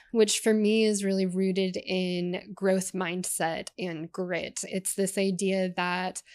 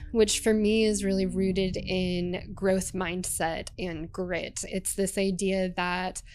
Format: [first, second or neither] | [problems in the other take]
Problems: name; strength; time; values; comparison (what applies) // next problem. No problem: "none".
first | low rumble; faint; throughout; 20 dB below the speech